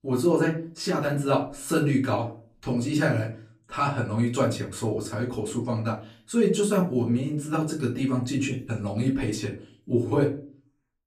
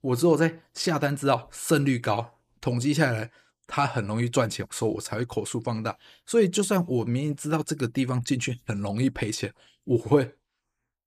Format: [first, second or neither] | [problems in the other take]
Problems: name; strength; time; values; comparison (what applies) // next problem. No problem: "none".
second | off-mic speech; far // room echo; slight; dies away in 0.3 s